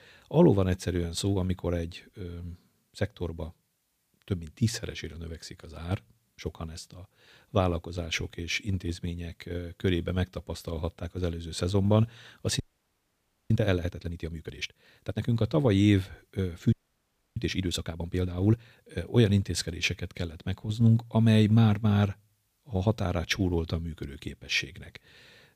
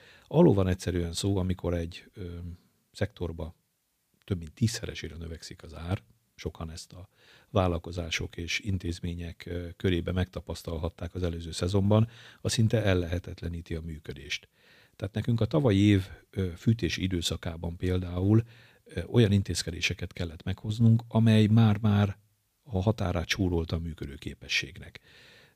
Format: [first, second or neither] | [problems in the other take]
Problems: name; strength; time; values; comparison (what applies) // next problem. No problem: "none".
second | audio freezing; at 13 s for 1 s and at 17 s for 0.5 s